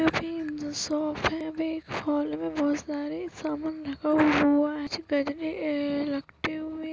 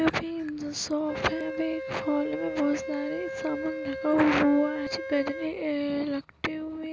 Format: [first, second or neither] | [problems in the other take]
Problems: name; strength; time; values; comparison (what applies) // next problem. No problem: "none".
first | background sound (Wind instrument, woodwind instrument); 9 dB below the speech